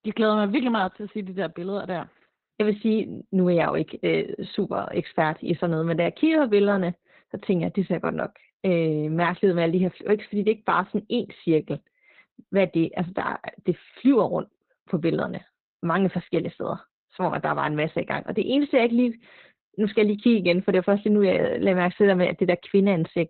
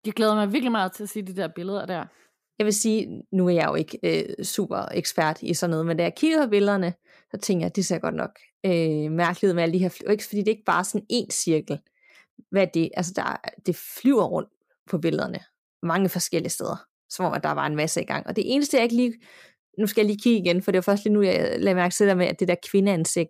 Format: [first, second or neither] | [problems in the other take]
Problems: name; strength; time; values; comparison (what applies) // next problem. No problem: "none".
second | garbled, watery; badly; nothing above 4 kHz